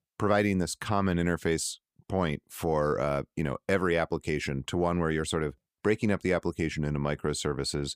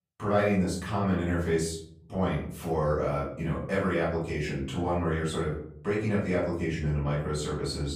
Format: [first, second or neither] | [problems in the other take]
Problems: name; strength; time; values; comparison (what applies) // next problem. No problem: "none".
first | off-mic speech; far // room echo; noticeable; dies away in 0.6 s